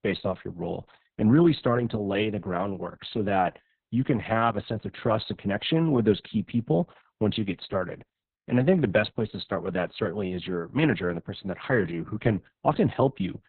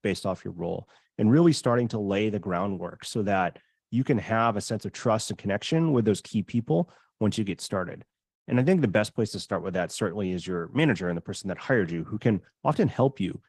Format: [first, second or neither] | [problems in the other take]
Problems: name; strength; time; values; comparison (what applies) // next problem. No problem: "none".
second | garbled, watery; badly; nothing above 4 kHz; slightly in the second